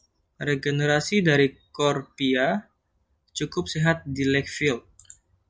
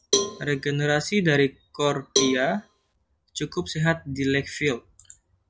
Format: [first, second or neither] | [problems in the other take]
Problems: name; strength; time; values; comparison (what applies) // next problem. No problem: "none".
first | background sound (Cowbell); 6 dB below the speech